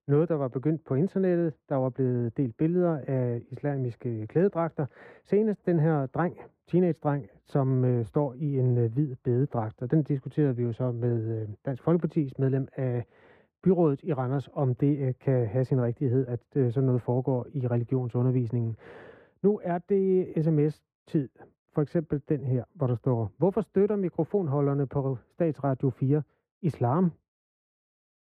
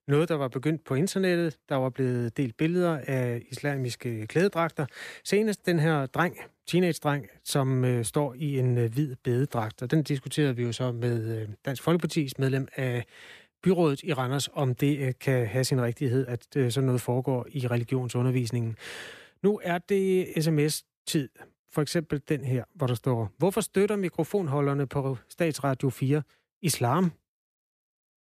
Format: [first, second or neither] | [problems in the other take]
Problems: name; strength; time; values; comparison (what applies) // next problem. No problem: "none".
second | muffled; very; fading above 2.5 kHz